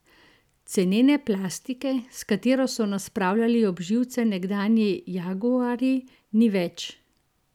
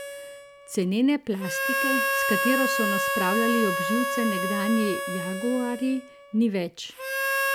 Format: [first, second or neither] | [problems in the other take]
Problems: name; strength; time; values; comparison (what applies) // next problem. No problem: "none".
first | background sound (Harmonica); 1 dB below the speech